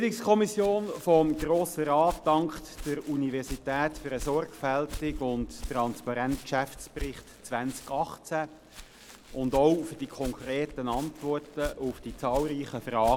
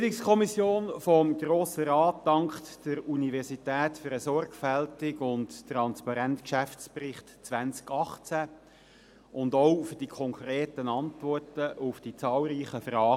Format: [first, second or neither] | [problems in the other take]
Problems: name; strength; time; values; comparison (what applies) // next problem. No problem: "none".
second | background sound (Walk, footsteps); 15 dB below the speech